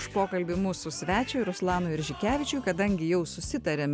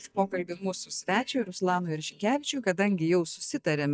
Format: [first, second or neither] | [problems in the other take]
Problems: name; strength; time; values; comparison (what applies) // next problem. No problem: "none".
first | noise reduction (neural mask model DeepFilterNet 3)